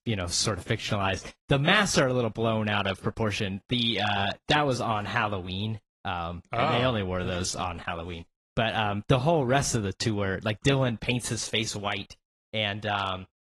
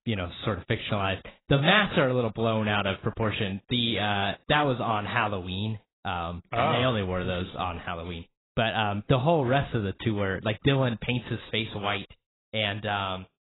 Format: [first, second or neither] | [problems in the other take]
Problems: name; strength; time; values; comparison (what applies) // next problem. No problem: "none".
first | garbled, watery; badly; nothing above 4 kHz; slightly in the first